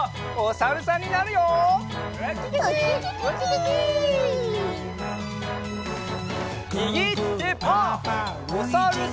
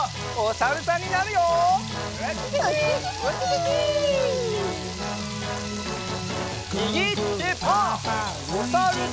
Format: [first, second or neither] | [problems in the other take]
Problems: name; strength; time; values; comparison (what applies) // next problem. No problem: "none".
first | background sound (Water tap, faucet / Liquid); 13 dB below the speech